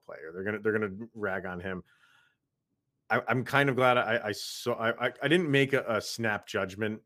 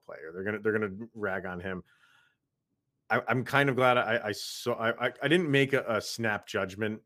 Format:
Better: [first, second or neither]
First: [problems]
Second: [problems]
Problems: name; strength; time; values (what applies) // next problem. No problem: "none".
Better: neither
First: none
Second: none